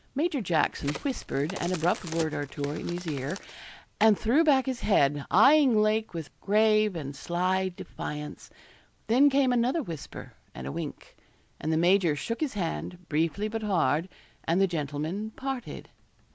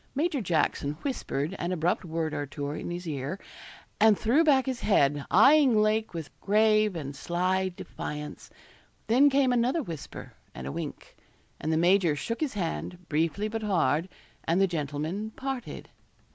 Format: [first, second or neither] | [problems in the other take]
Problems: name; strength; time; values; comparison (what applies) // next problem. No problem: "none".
second | background sound (Crack); 14 dB below the speech